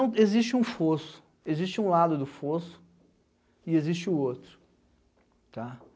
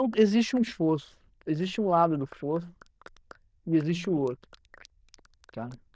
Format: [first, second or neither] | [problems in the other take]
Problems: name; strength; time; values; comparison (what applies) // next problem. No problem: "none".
first | noise reduction (neural diffusion model UNIVERSE++)